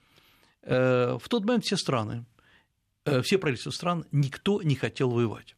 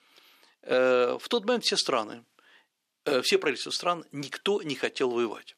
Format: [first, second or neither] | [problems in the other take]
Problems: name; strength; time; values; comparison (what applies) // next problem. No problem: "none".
first | thin; somewhat; fading below 300 Hz